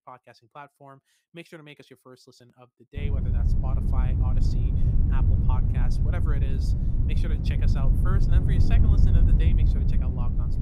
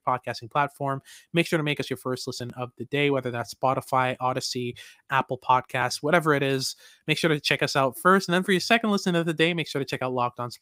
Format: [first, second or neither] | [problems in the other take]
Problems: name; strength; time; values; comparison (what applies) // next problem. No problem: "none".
second | wind noise on the microphone; heavy; from 3 s on; 4 dB above the speech